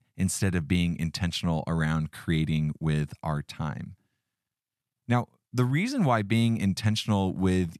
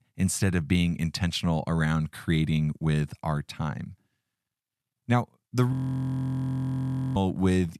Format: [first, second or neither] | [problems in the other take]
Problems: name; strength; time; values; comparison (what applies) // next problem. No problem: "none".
first | audio freezing; at 5.5 s for 1.5 s